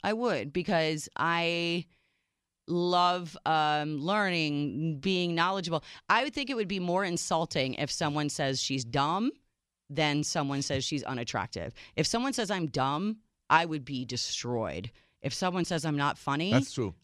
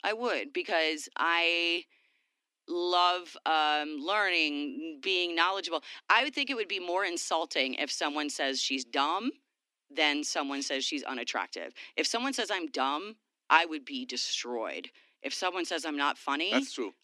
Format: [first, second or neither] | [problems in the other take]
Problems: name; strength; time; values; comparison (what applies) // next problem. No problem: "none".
first | thin; very slightly; fading below 250 Hz